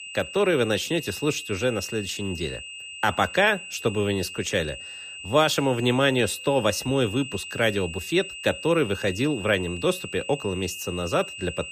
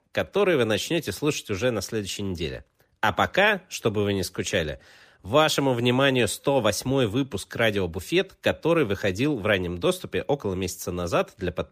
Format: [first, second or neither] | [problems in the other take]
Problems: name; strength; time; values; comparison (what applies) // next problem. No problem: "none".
second | high-pitched whine; noticeable; throughout; 3 kHz, 10 dB below the speech